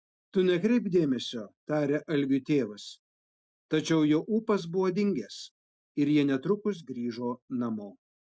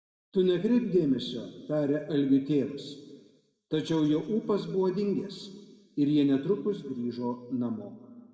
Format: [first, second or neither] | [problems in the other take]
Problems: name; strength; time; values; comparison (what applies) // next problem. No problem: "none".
first | room echo; dies away in 1.5 s